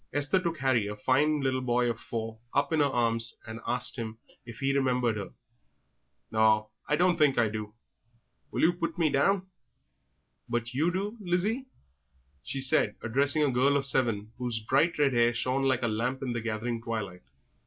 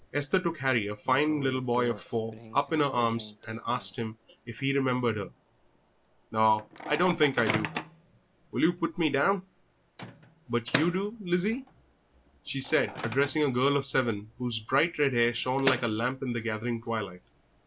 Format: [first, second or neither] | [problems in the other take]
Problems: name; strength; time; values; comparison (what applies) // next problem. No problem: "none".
first | background sound (Microwave oven); 13 dB below the speech